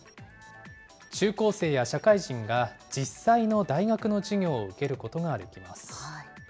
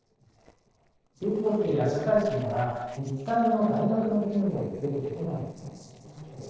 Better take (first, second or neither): first